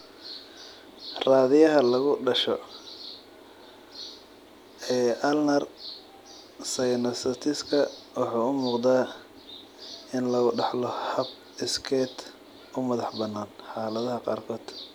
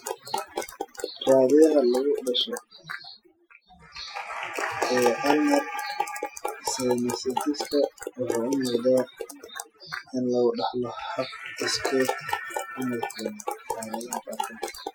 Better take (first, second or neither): first